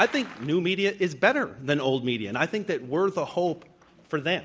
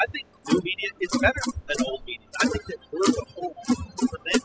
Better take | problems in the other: first | noise reduction (classical method spectral subtraction)

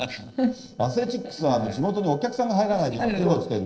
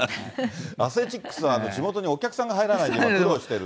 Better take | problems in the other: second | noise reduction (neural separator model SepFormer DNS4)

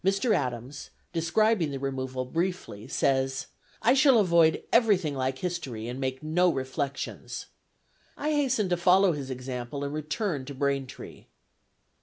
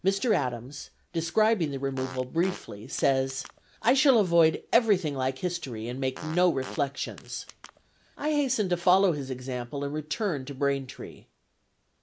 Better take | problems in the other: first | background sound (Fart); 19 dB below the speech

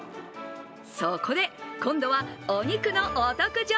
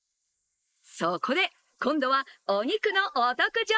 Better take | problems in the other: first | noise reduction (neural mask model Resemble Enhance denoiser)

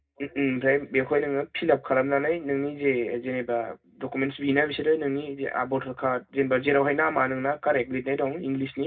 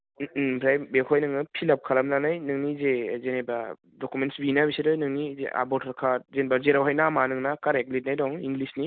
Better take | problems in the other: second | room echo; dies away in 0.4 s

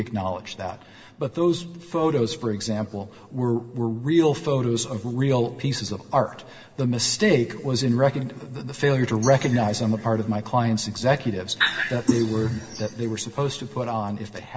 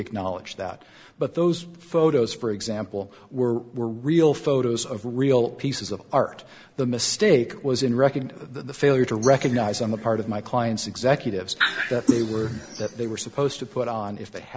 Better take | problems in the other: second | room echo; dies away in 2.4 s

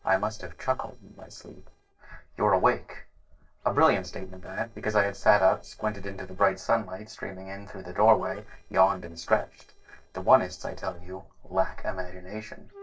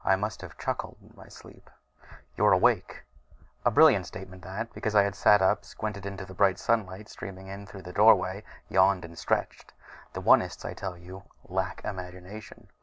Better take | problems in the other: second | noise reduction (neural separator model SepFormer DNS4)

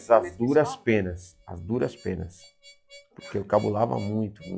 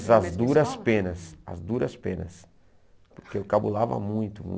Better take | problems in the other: second | noise reduction (classical method log-MMSE)

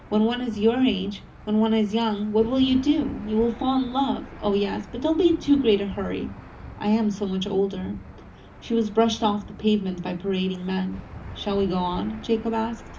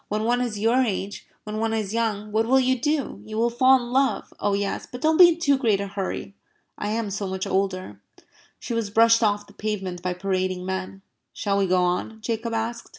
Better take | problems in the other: second | background sound (Engine / Aircraft); 17 dB below the speech // room echo; dies away in 0.4 s

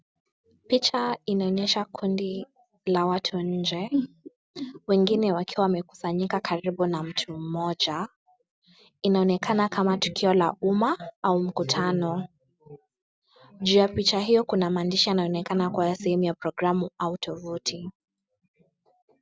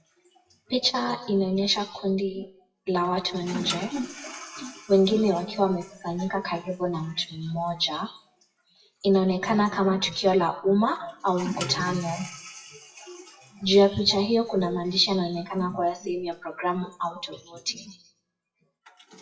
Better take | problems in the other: first | noise reduction (classical method WPE with log-MMSE)

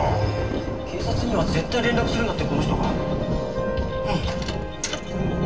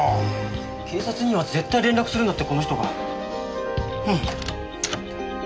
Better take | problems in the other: second | background sound (Thunder); as loud as the speech // room echo; dies away in 2.7 s

